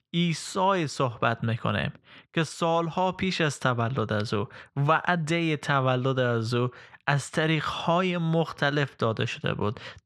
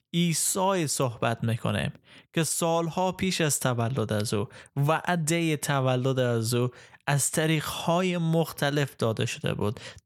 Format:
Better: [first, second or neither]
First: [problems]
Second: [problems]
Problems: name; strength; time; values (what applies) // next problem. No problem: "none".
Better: second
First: muffled; slightly; fading above 3.5 kHz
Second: none